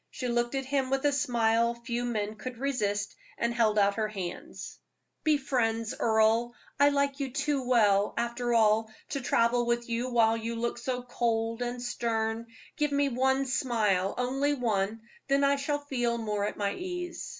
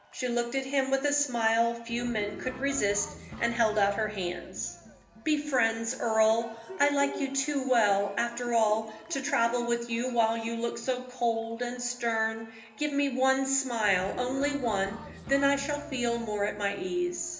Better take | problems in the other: first | background sound (Cheering); 17 dB below the speech // room echo; dies away in 0.8 s

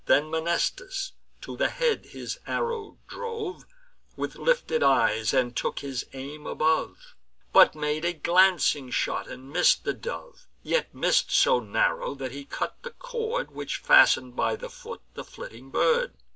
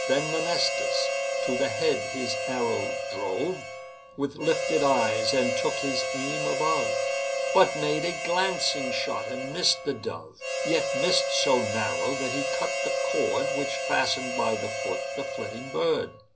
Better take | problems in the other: first | background sound (Harmonica); 1 dB below the speech // room echo; dies away in 0.4 s

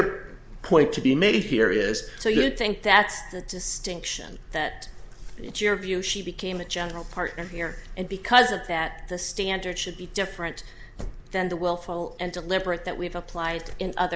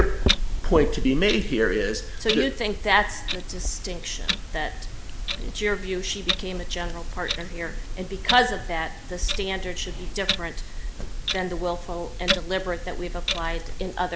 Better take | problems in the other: first | background sound (Clock); 1 dB below the speech

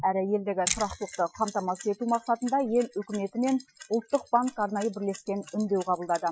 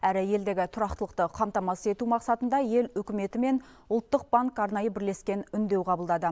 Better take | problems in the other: second | noise reduction (classical method Wiener filter)

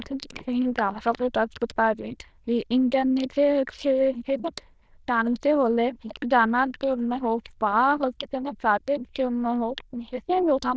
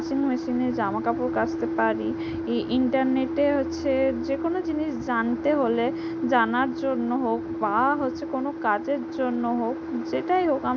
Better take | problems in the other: second | noise reduction (neural diffusion model UNIVERSE++)

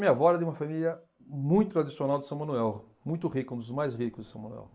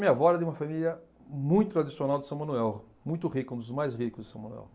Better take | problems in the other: second | noise reduction (neural mask model Resemble Enhance denoiser)

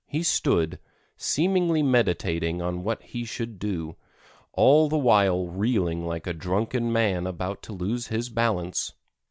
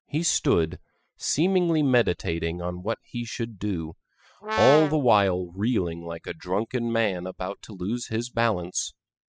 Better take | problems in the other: first | noise reduction (classical method spectral subtraction)

